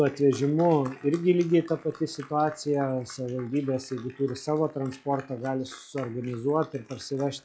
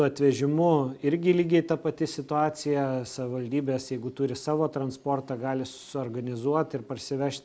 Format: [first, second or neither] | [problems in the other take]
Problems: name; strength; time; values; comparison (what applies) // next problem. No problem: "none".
second | noise reduction (classical method log-MMSE)